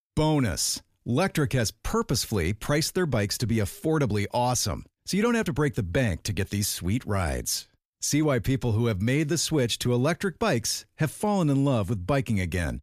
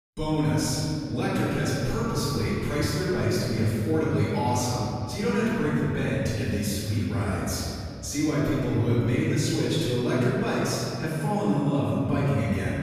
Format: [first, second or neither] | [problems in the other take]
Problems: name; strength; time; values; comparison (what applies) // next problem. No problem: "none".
first | off-mic speech; far // room echo; strong; dies away in 2.4 s